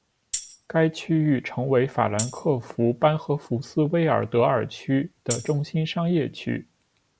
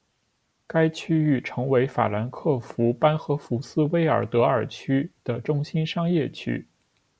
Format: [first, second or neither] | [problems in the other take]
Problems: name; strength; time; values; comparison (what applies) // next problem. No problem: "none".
second | background sound (Tambourine); 14 dB below the speech